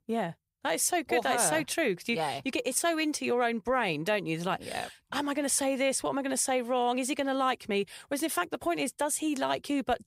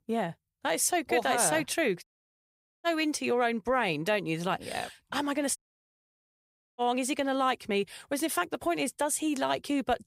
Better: first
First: none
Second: audio cutting out; at 2 s for 1 s and at 5.5 s for 1 s

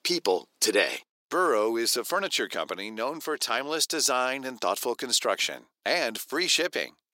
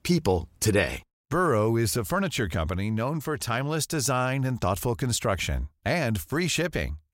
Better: second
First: thin; very; fading below 300 Hz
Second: none

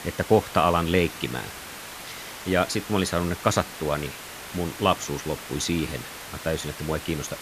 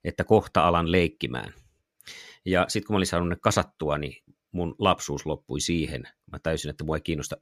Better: second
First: hiss; noticeable; throughout; 10 dB below the speech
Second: none

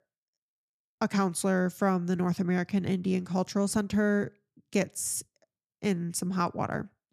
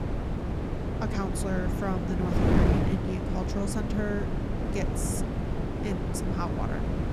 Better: first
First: none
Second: wind noise on the microphone; heavy; 1 dB above the speech

